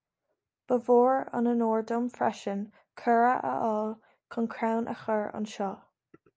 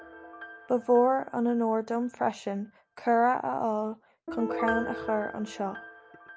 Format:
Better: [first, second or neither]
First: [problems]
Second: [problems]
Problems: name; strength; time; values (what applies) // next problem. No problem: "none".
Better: first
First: none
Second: background sound (Piano); 12 dB below the speech